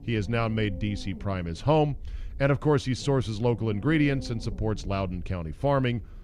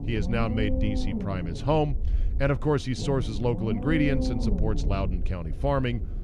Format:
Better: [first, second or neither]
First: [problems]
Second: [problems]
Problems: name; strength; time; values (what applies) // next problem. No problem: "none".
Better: first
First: low rumble; faint; throughout; 20 dB below the speech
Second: low rumble; loud; throughout; 7 dB below the speech